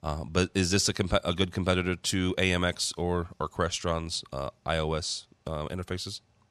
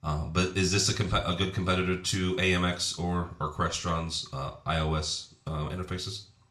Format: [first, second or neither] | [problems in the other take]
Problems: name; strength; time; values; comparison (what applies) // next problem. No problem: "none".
first | room echo; very slight; dies away in 0.3 s // off-mic speech; somewhat distant